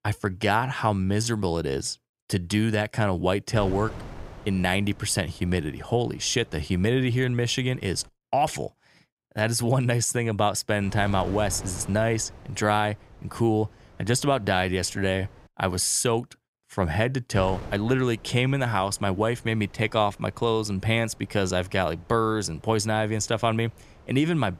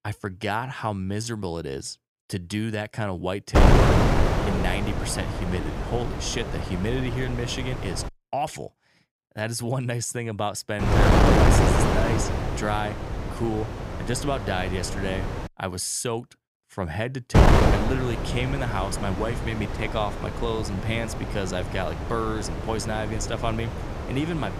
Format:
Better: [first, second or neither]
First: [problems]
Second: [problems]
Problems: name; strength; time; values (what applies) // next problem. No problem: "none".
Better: first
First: wind noise on the microphone; occasional gusts; from 3.5 to 8 s, from 11 to 15 s and from 17 s on; 20 dB below the speech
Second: wind noise on the microphone; heavy; from 3.5 to 8 s, from 11 to 15 s and from 17 s on; 2 dB above the speech